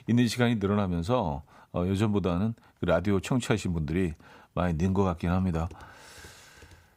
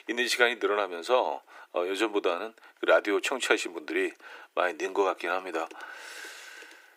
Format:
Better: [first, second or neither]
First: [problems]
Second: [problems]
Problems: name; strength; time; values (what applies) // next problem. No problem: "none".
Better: first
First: none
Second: thin; very; fading below 300 Hz